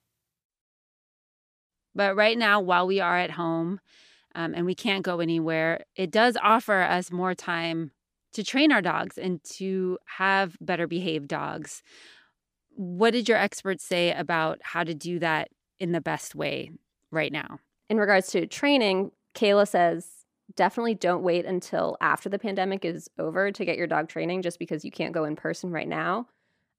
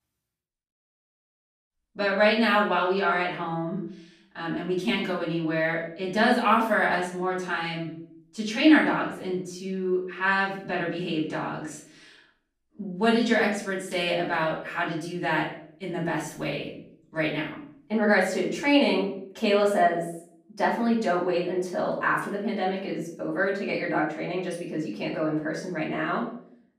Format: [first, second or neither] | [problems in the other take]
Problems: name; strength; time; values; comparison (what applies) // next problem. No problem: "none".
first | off-mic speech; far // room echo; noticeable; dies away in 0.5 s